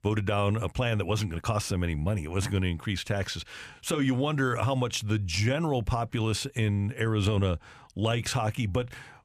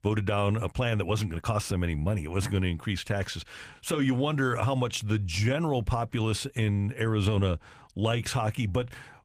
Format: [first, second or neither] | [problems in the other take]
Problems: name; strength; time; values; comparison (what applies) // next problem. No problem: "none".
first | garbled, watery; slightly; nothing above 15 kHz